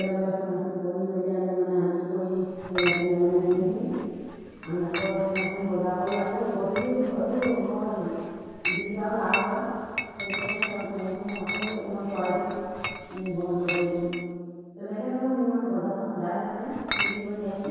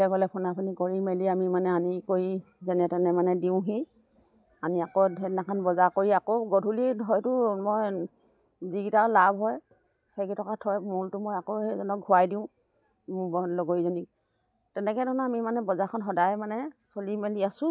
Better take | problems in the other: second | background sound (Chatter / Chink, clink); 9 dB below the speech // room echo; dies away in 2 s

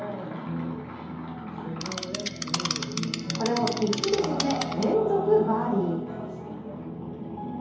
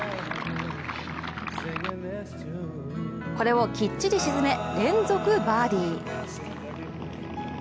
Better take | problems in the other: second | background sound (Insect); 6 dB below the speech // room echo; dies away in 0.8 s

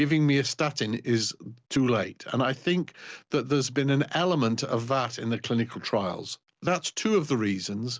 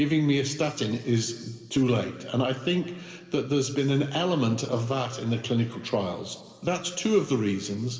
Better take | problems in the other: first | room echo; dies away in 1.7 s

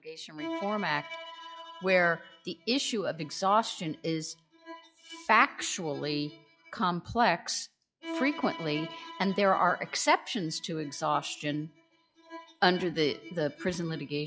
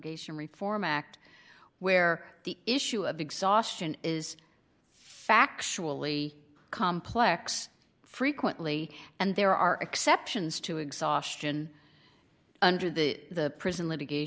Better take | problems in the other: second | noise reduction (classical method log-MMSE)

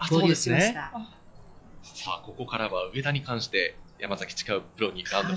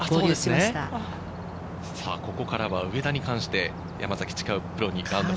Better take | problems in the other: second | noise reduction (classical method log-MMSE)

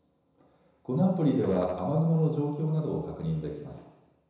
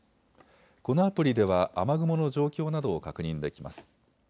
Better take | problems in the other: second | background sound (Musical instrument); 19 dB below the speech // room echo; dies away in 1 s

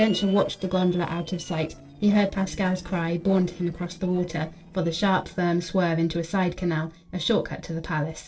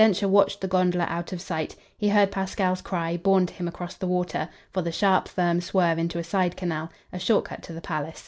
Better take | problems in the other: second | noise reduction (neural separator model SepFormer DNS4)

